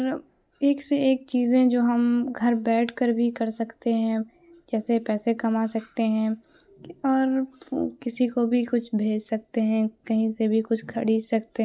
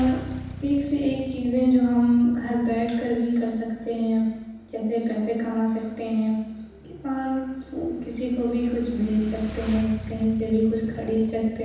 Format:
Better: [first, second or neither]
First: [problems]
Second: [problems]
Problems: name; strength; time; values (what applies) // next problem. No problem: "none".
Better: first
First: none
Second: background sound (Motorcycle / Engine); 15 dB below the speech // room echo; dies away in 1.1 s